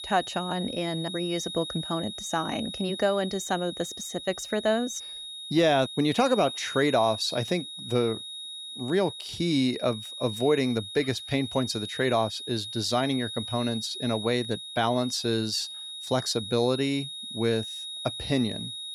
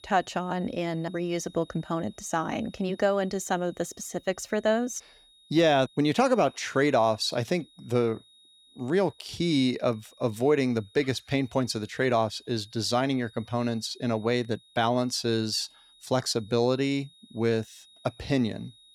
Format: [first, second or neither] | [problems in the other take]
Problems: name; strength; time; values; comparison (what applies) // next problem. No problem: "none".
second | high-pitched whine; loud; throughout; 4 kHz, 8 dB below the speech; faint in the second